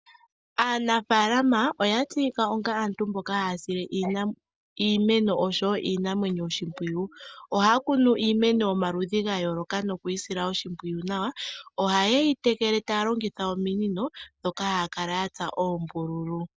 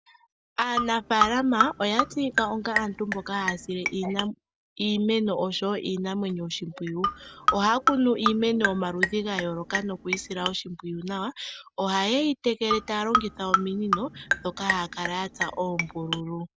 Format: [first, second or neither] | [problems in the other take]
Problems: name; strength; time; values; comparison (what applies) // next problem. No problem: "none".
first | background sound (Marimba, xylophone); 2 dB below the speech